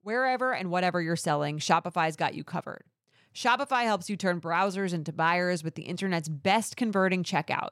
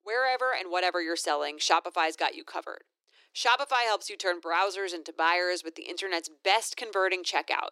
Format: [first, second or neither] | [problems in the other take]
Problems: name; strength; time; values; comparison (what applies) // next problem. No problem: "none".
first | thin; very; fading below 300 Hz